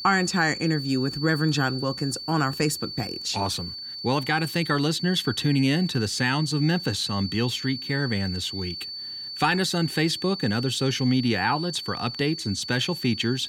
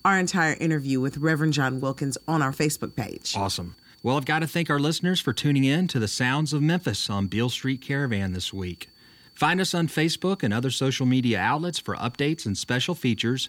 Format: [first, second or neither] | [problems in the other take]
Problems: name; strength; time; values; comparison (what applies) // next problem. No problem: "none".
second | high-pitched whine; loud; throughout; 4.5 kHz, 8 dB below the speech; faint in the second